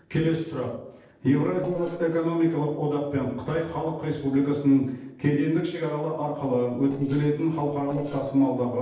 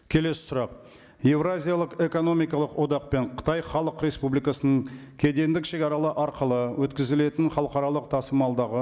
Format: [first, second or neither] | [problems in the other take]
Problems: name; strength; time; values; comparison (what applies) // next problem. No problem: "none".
second | noise reduction (neural separator model SepFormer DNS4)